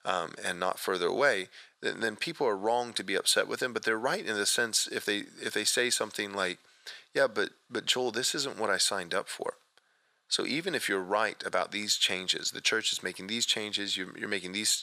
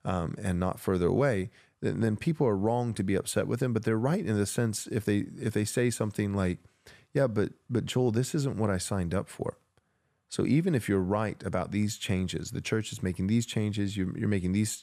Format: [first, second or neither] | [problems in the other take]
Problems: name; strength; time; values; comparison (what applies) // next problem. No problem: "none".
second | thin; very; fading below 550 Hz